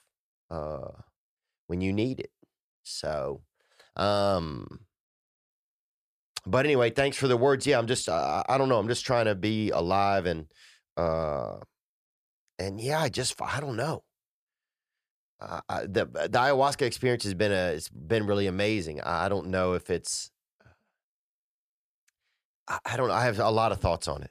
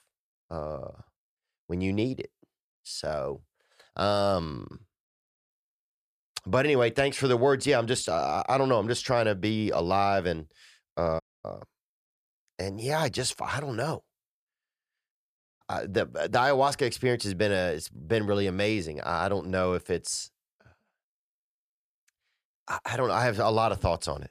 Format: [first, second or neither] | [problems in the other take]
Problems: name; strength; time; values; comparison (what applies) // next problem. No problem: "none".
first | audio cutting out; at 11 s and at 15 s